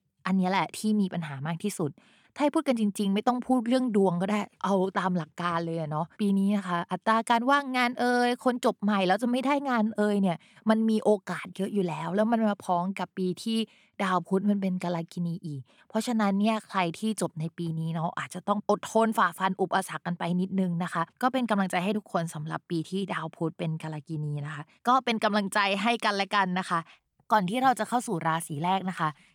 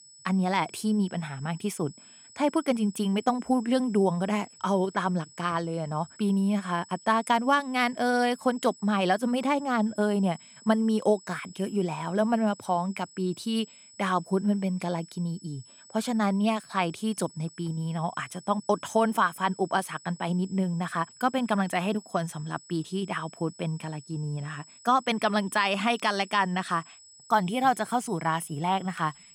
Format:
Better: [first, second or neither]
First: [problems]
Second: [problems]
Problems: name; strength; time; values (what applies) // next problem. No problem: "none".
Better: first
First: none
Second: high-pitched whine; faint; throughout; 8 kHz, 20 dB below the speech